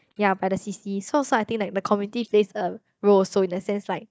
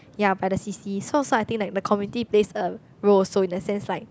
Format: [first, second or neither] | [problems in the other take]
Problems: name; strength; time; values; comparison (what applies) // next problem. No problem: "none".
second | noise reduction (neural mask model DeepFilterNet 3)